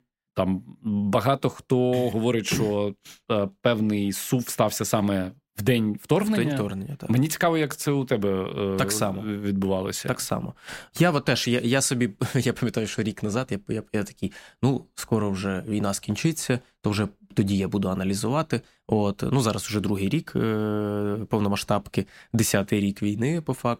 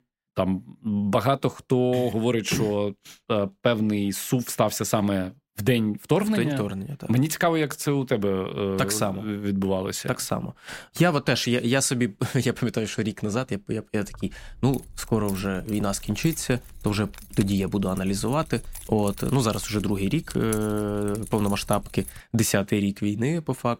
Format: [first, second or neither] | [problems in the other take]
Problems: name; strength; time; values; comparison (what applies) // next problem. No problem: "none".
first | jangling keys; faint; from 14 to 22 s; peak 10 dB below the speech